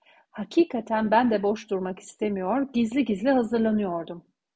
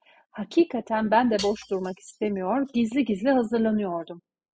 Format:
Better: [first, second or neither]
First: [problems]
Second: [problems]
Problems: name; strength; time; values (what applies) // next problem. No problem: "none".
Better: first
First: none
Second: noise reduction (classical method spectral subtraction)